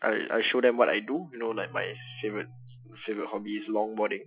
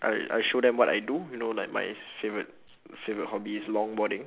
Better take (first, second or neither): second